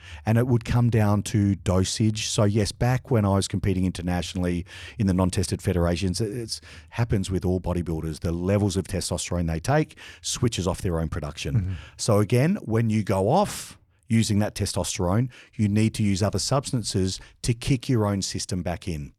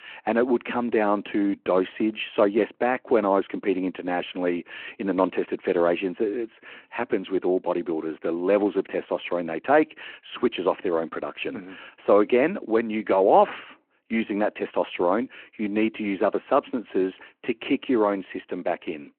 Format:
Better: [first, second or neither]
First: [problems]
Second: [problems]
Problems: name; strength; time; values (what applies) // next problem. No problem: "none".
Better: first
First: none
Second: phone-call audio